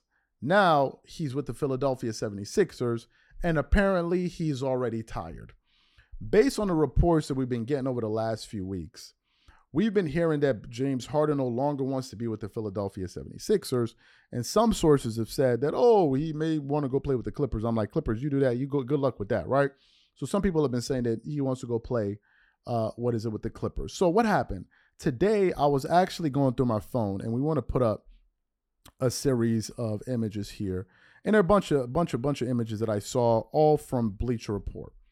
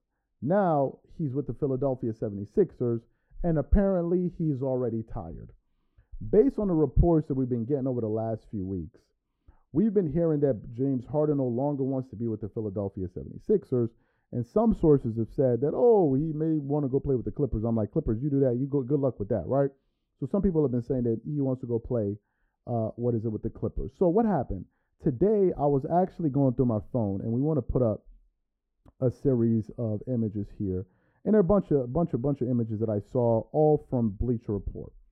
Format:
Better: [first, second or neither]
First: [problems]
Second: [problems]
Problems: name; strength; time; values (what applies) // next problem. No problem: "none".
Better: first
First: none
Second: muffled; very; fading above 1.5 kHz